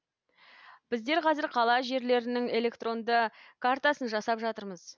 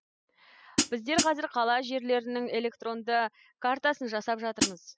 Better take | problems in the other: first | noise reduction (classical method spectral subtraction)

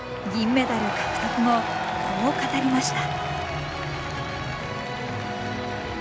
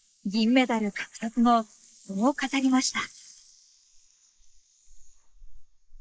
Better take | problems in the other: first | noise reduction (neural mask model Resemble Enhance denoiser)

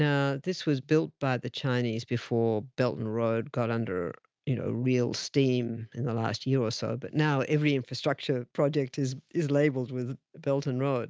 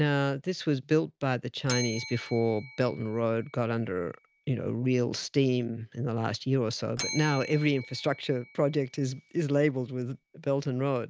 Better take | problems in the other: first | background sound (Bell); 16 dB below the speech

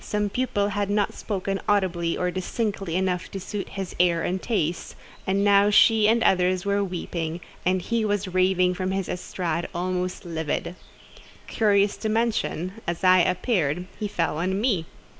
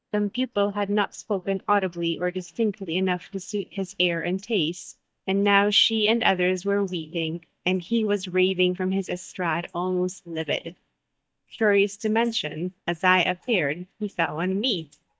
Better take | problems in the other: first | noise reduction (neural mask model DeepFilterNet 3)

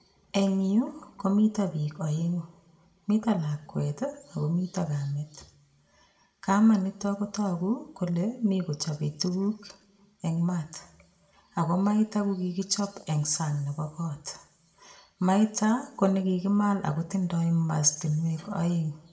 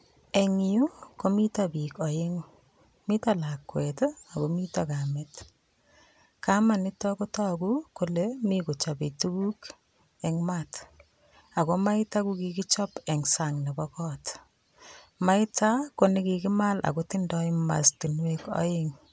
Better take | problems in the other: second | room echo; dies away in 0.7 s

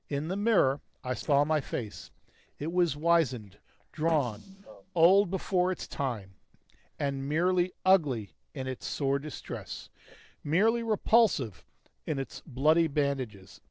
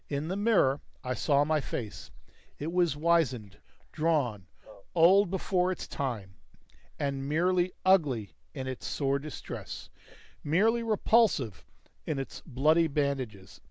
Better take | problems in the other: second | noise reduction (neural separator model SepFormer DNS4)

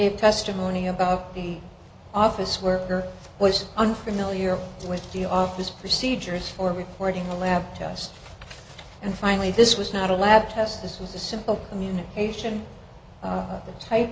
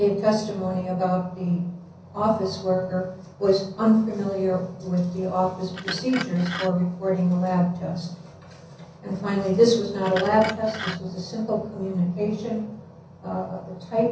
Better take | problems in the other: first | background sound (Glass); 13 dB below the speech // room echo; dies away in 0.6 s

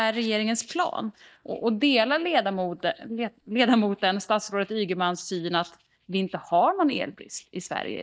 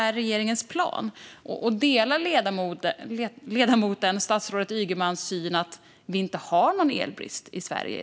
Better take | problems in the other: second | noise reduction (neural mask model DeepFilterNet 3)

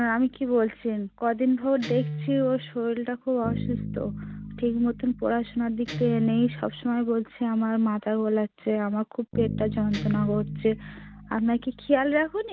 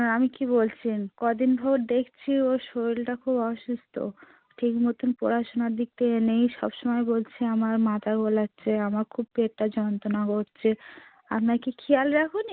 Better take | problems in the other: second | background sound (Guitar + Bass guitar); 10 dB below the speech

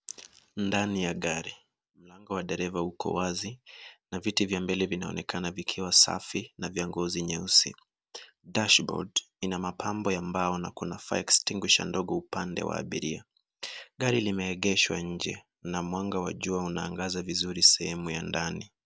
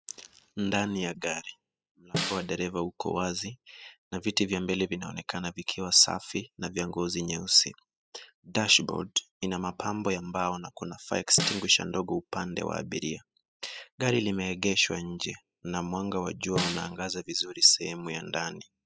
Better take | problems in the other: first | noise reduction (classical method spectral subtraction)

